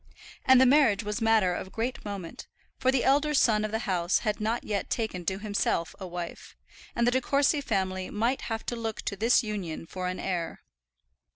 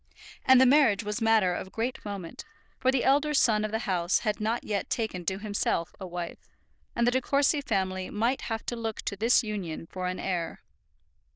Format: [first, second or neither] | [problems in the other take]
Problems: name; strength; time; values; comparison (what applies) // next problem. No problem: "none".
first | noise reduction (neural diffusion model UNIVERSE++)